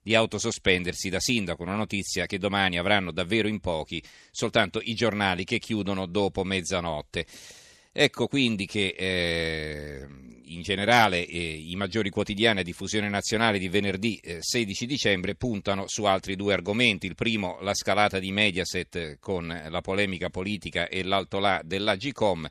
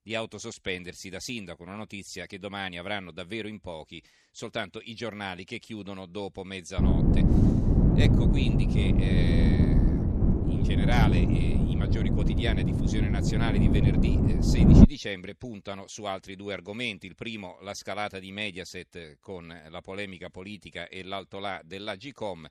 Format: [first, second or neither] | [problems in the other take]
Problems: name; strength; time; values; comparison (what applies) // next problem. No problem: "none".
first | wind noise on the microphone; heavy; from 7 to 15 s; 4 dB above the speech